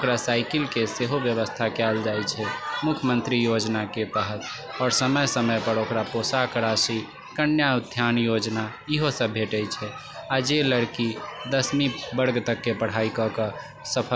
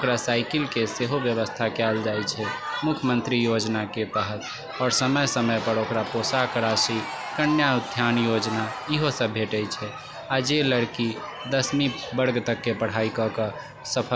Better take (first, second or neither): first